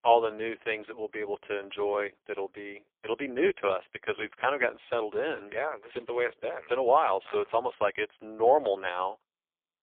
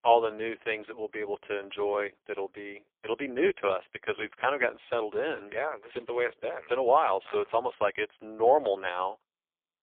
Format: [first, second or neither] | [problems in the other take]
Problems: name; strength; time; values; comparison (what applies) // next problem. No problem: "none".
neither | phone-call audio; poor line; nothing above 3.5 kHz; the same in both